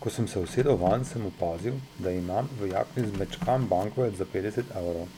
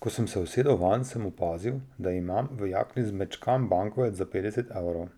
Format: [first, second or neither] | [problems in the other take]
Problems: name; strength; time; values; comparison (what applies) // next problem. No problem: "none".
second | background sound (Printer); 13 dB below the speech